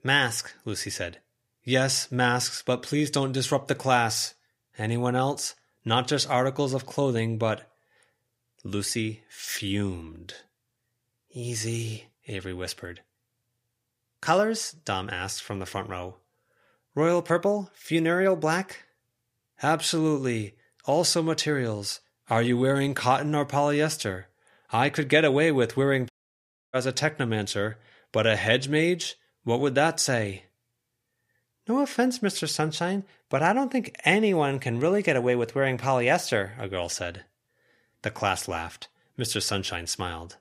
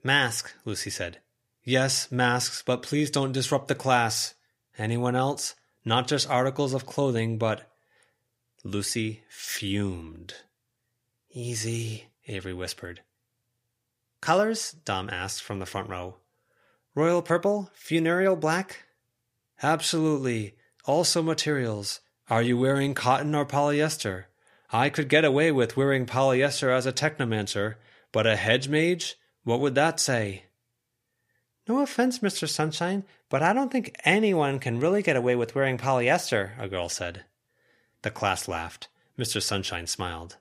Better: second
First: audio cutting out; at 26 s for 0.5 s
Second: none

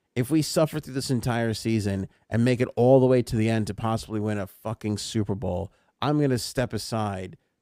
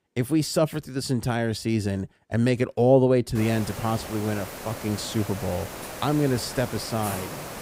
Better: first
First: none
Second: hiss; noticeable; from 3.5 s on; 10 dB below the speech

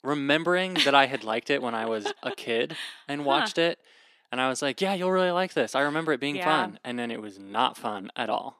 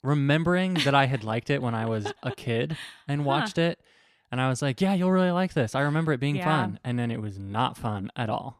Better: second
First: thin; somewhat; fading below 300 Hz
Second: none

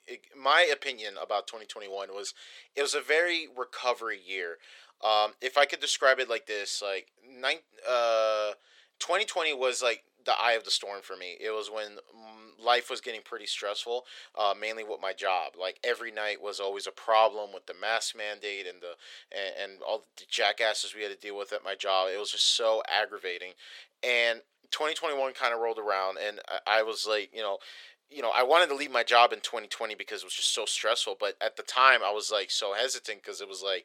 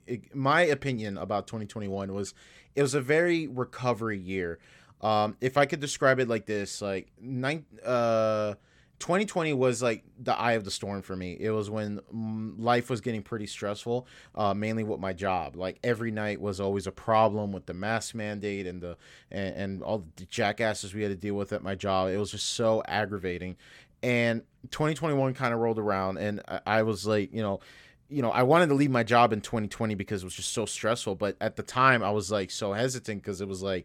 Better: second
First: thin; very; fading below 450 Hz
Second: none

